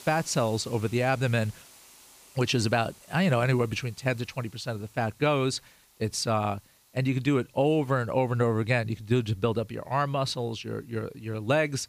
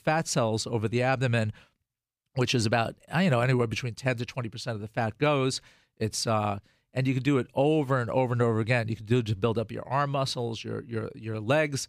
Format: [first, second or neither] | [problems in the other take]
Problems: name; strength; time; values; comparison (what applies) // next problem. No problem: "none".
second | hiss; faint; throughout; 25 dB below the speech